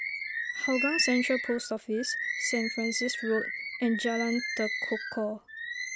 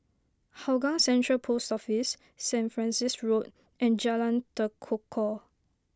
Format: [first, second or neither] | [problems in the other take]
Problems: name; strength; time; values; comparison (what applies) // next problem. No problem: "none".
second | background sound (Bird); 3 dB below the speech